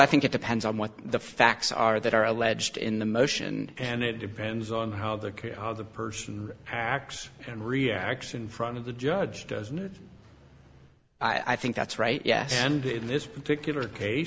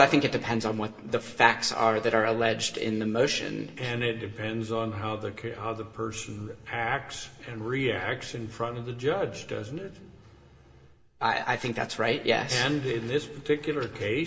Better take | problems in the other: first | room echo; dies away in 0.9 s

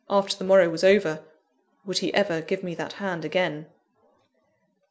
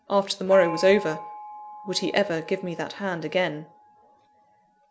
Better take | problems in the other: first | background sound (Gong); 14 dB below the speech

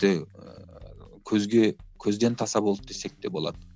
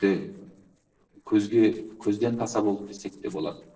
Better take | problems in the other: first | noise reduction (neural separator model SepFormer DNS4)

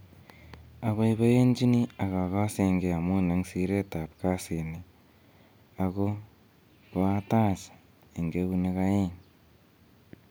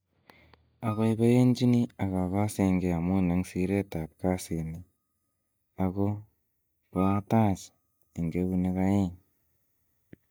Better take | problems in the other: first | noise reduction (neural mask model DeepFilterNet 3)

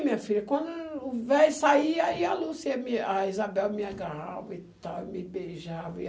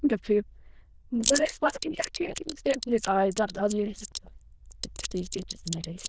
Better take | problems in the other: first | noise reduction (neural diffusion model UNIVERSE++)

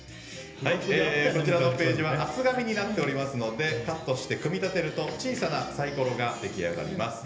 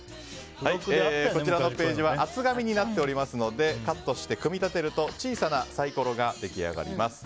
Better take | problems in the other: second | background sound (Bowed string instrument); 18 dB below the speech // room echo; dies away in 1.4 s

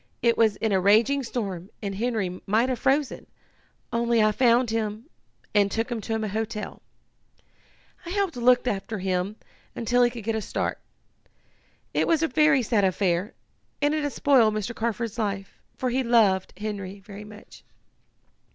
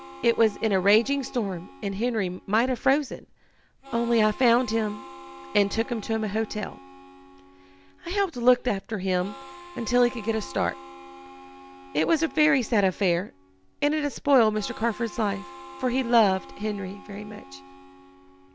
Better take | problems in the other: first | background sound (Harmonica); 19 dB below the speech

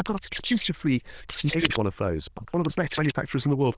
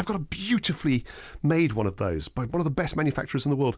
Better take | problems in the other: second | noise reduction (neural diffusion model UNIVERSE++)

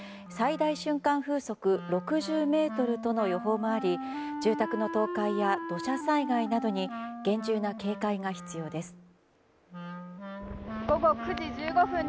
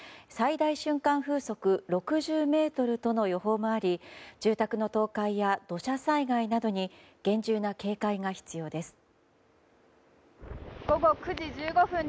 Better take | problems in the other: second | background sound (Wind instrument, woodwind instrument); 8 dB below the speech

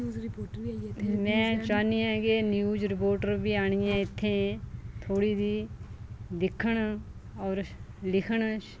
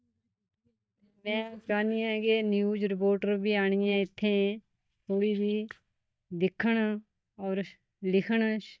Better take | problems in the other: first | noise reduction (neural mask model DeepFilterNet 3)

